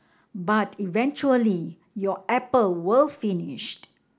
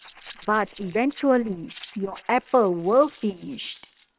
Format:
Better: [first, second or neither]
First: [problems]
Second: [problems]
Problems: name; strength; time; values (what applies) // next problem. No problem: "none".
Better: first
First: none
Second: noise reduction (neural separator model SepFormer WHAM!)